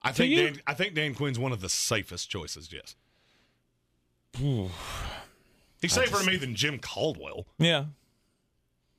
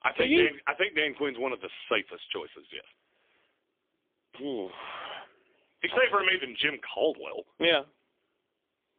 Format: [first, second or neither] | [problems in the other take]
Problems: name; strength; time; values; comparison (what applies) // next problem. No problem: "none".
first | phone-call audio; poor line; nothing above 3.5 kHz